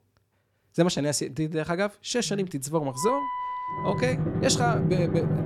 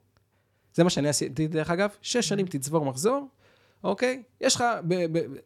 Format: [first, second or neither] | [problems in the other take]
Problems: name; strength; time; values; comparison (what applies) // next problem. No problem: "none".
second | background music; loud; from 2 s on; 1 dB below the speech